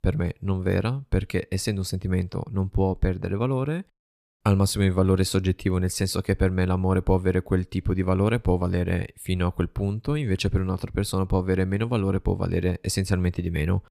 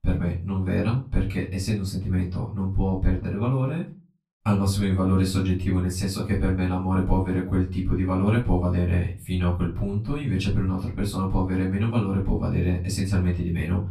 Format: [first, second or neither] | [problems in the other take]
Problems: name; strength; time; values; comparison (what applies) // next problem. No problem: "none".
first | off-mic speech; far // room echo; slight; dies away in 0.3 s